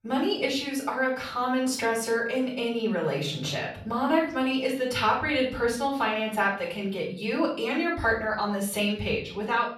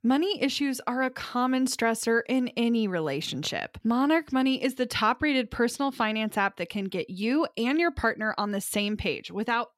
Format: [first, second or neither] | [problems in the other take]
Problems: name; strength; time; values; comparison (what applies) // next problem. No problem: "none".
second | off-mic speech; far // room echo; slight; dies away in 0.5 s